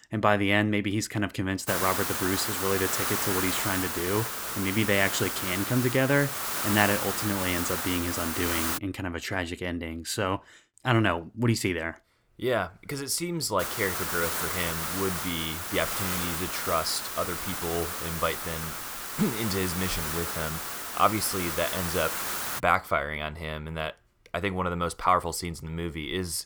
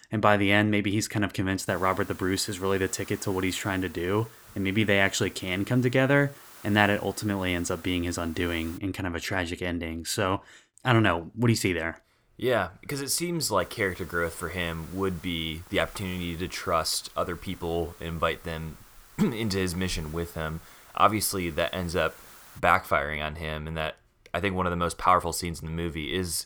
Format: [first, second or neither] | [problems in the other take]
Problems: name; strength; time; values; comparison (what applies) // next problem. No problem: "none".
second | hiss; loud; from 1.5 to 9 s and from 14 to 23 s; 1 dB below the speech; faint in the second